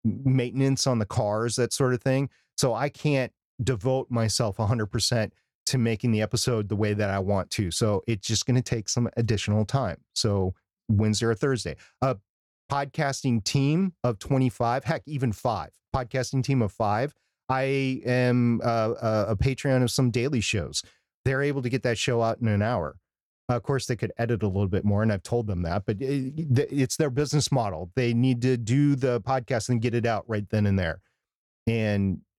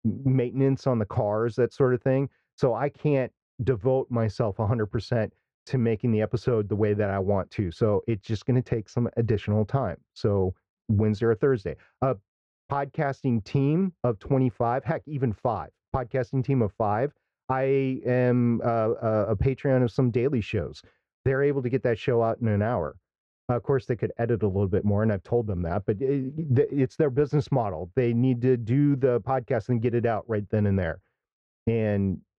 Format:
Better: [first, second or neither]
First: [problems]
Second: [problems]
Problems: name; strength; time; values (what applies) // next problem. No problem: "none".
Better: first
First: none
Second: muffled; very; fading above 2 kHz